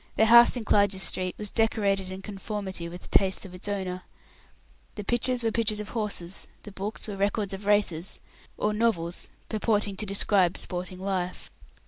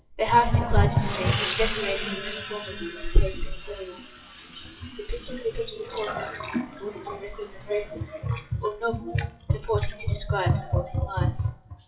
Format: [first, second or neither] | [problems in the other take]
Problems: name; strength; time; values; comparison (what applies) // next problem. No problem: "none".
first | noise reduction (classical method WPE with log-MMSE)